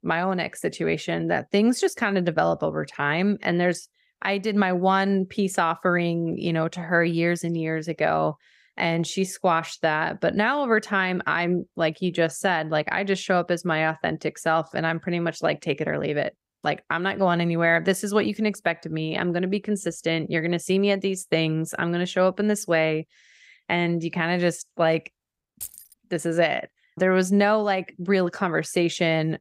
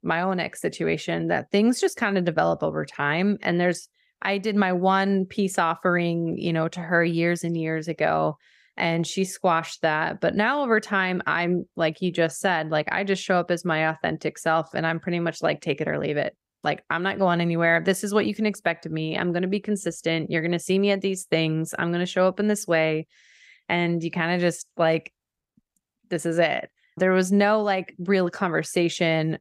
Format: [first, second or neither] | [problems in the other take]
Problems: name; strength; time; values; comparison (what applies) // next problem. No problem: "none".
second | jangling keys; faint; at 26 s; peak 15 dB below the speech